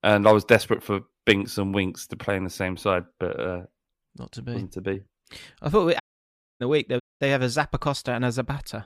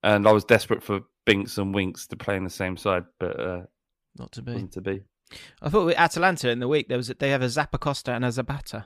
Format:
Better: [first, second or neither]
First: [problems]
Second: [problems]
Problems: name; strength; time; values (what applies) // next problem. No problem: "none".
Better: second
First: audio cutting out; at 6 s for 0.5 s and at 7 s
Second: none